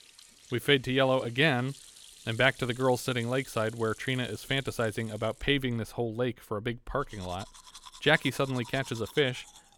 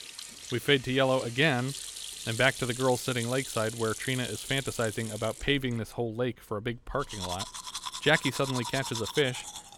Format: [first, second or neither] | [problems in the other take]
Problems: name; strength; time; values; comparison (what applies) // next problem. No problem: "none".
first | household noises; loud; throughout; 9 dB below the speech; faint in the first